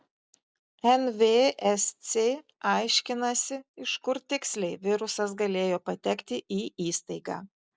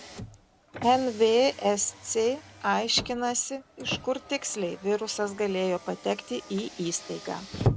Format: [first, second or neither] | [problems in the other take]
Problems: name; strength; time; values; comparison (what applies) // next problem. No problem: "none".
first | background sound (Car); 10 dB below the speech